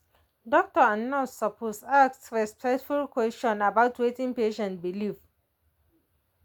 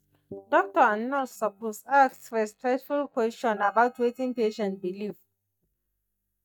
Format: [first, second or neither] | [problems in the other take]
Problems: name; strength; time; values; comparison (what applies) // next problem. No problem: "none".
first | noise reduction (neural mask model DeepFilterNet 3)